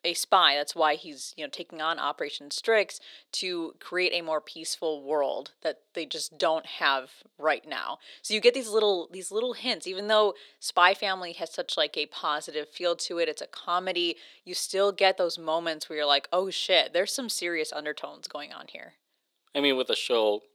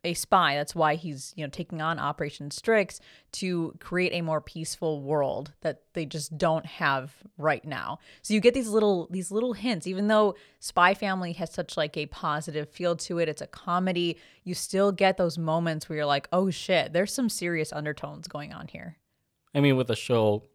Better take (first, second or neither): second